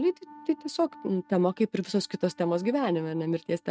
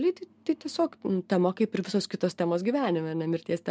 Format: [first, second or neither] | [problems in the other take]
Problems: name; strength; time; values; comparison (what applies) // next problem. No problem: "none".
second | noise reduction (neural mask model RNNoise)